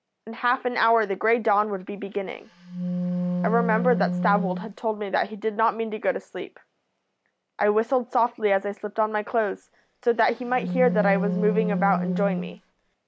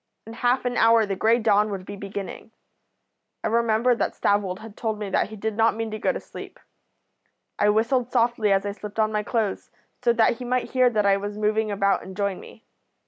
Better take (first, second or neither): second